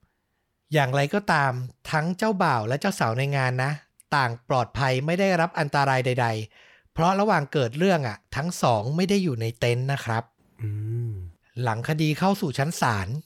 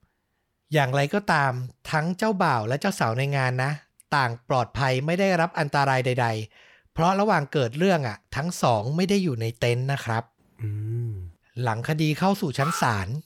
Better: first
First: none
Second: alarm; noticeable; at 13 s; peak 6 dB below the speech

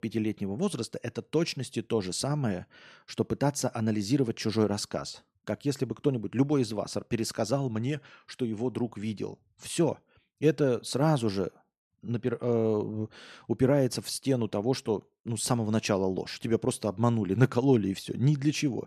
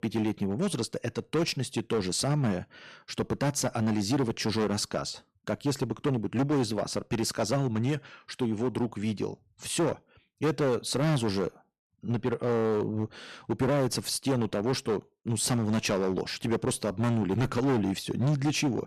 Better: first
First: none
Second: distortion; heavy; 13% of the sound clipped

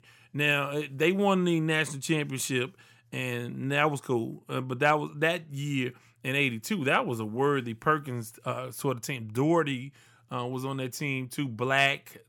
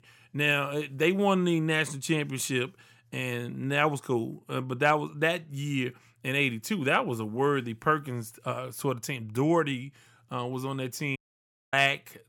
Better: first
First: none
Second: audio cutting out; at 11 s for 0.5 s

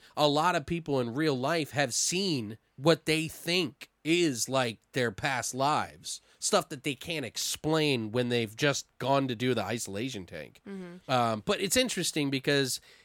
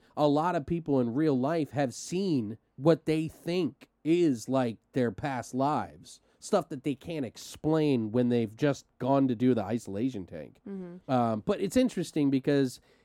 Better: first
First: none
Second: muffled; slightly; fading above 1.5 kHz

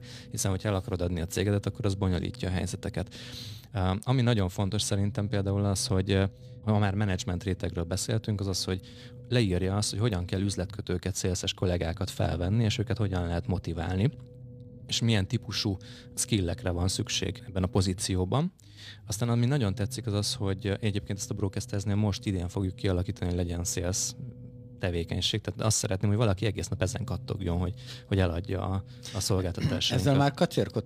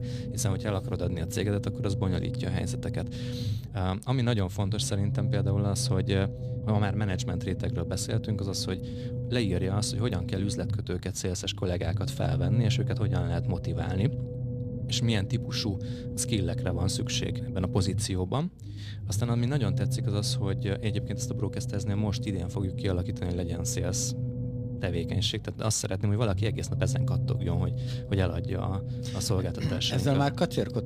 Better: first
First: low rumble; faint; throughout; 25 dB below the speech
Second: low rumble; loud; throughout; 8 dB below the speech

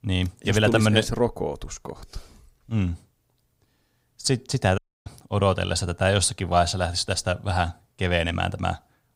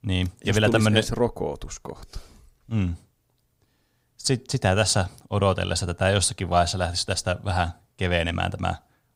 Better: second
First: audio cutting out; at 5 s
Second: none

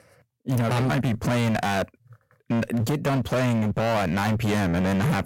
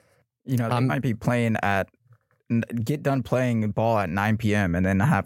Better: second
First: distortion; heavy; 31% of the sound clipped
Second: none

